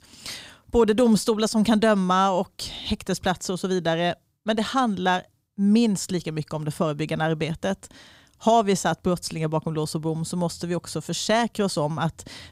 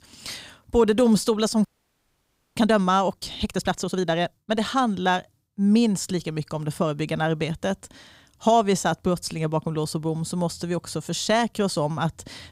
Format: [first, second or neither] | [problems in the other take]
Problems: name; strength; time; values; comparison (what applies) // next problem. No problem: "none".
first | audio freezing; at 1.5 s for 1 s